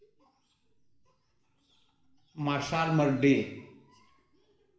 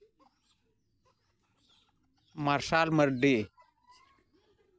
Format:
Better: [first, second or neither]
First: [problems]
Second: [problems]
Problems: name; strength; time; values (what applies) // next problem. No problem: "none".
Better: second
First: room echo; dies away in 0.8 s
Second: none